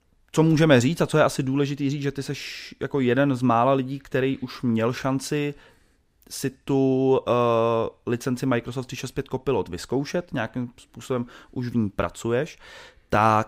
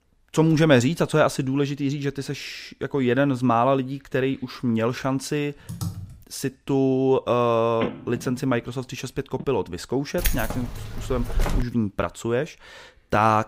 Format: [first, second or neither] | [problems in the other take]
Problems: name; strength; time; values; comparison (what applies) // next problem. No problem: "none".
first | keyboard typing; noticeable; at 5.5 s; peak 9 dB below the speech // phone ringing; noticeable; from 8 to 9.5 s; peak 8 dB below the speech // jangling keys; noticeable; from 10 to 12 s; peak 3 dB below the speech